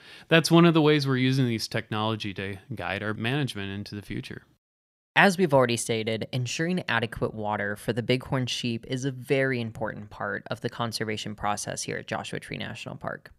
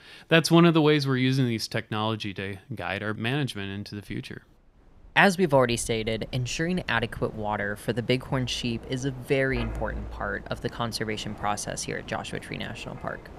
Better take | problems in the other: first | wind in the background; noticeable; throughout; 15 dB below the speech

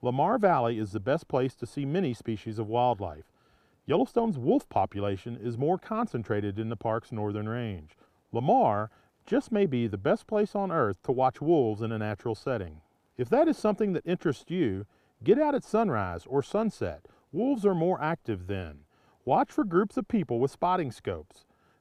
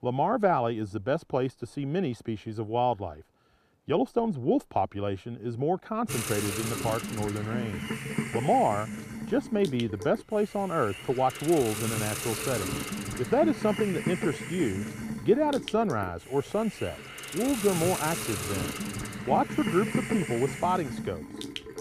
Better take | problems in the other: first | hiss; loud; from 6 s on; 5 dB below the speech

